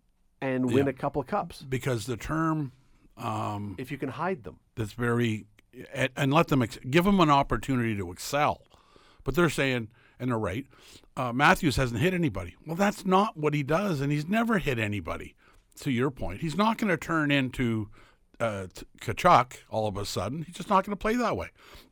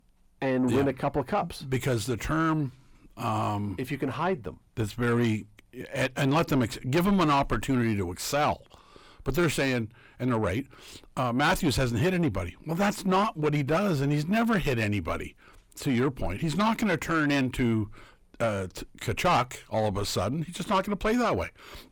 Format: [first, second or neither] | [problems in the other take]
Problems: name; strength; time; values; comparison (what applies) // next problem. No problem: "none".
first | distortion; heavy; 7 dB below the speech